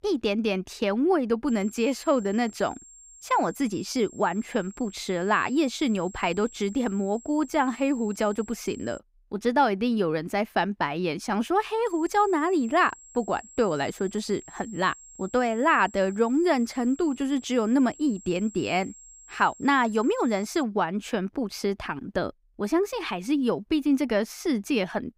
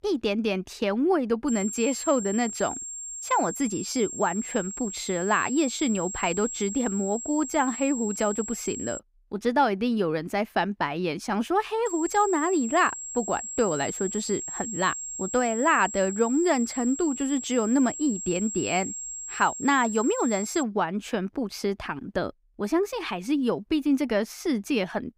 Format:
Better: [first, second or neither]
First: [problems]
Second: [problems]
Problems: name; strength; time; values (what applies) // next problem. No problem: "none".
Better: first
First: high-pitched whine; faint; from 1.5 to 9 s and from 12 to 21 s; 7.5 kHz, 20 dB below the speech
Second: high-pitched whine; loud; from 1.5 to 9 s and from 12 to 21 s; 7.5 kHz, 7 dB below the speech